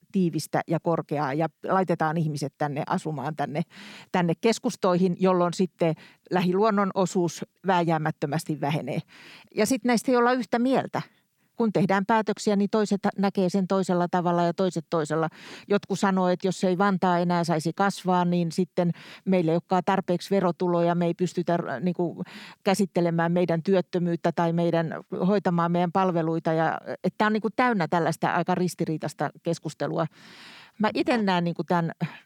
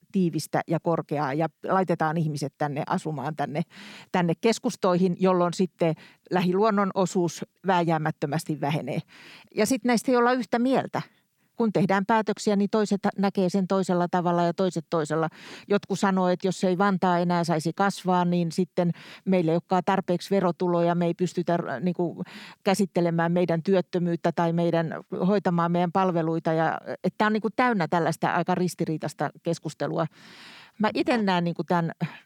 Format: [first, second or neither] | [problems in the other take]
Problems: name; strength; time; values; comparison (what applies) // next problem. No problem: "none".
neither | none